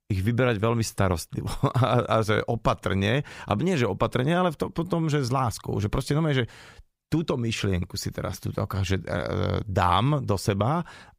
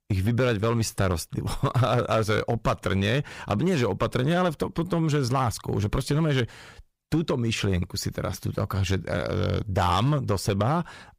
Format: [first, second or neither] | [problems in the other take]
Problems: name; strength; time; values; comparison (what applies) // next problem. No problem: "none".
first | distortion; slight; 4% of the sound clipped